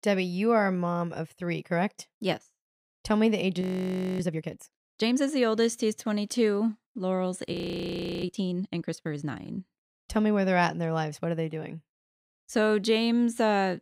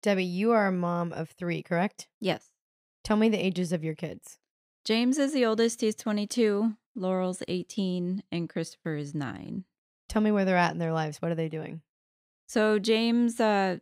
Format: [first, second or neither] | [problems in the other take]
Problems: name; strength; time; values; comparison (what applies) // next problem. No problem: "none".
second | audio freezing; at 3.5 s for 0.5 s and at 7.5 s for 0.5 s